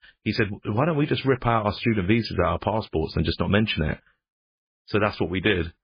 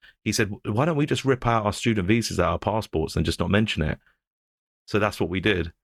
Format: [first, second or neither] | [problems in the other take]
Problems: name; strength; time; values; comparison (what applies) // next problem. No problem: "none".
second | garbled, watery; badly; nothing above 5 kHz